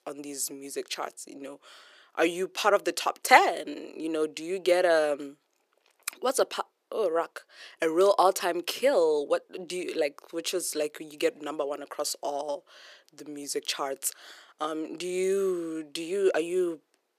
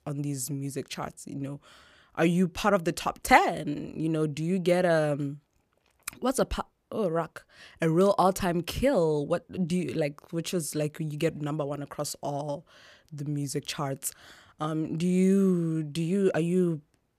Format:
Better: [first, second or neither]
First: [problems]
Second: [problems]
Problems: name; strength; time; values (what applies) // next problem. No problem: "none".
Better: second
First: thin; very; fading below 400 Hz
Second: none